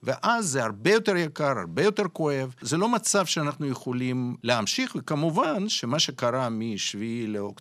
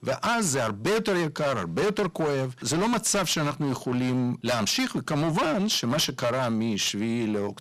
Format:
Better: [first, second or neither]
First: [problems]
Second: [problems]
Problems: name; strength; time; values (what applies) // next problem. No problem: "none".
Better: first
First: none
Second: distortion; heavy; 21% of the sound clipped